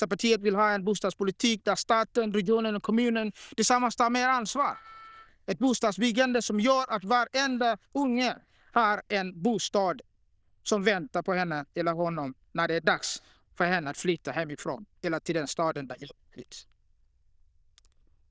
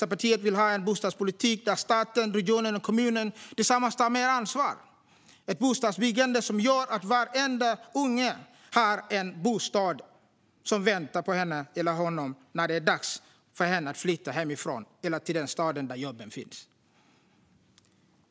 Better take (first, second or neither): second